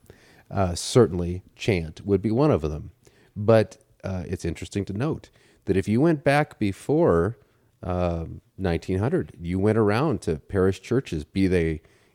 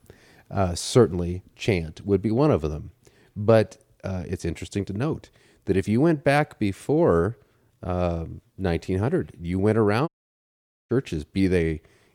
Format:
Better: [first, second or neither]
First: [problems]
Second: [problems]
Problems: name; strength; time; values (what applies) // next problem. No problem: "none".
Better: first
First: none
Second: audio cutting out; at 10 s for 1 s